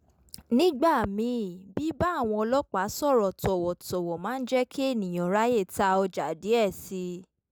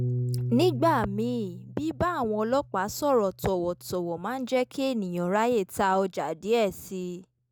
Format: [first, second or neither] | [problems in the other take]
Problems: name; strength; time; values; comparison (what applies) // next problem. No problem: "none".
first | background sound (Piano); 10 dB below the speech